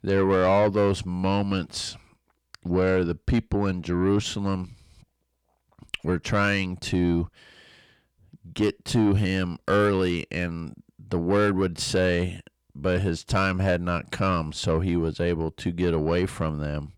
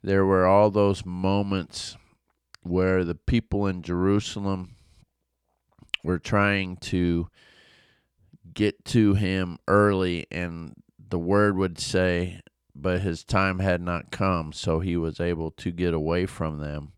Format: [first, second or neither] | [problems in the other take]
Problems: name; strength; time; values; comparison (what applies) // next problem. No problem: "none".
second | distortion; slight; 10 dB below the speech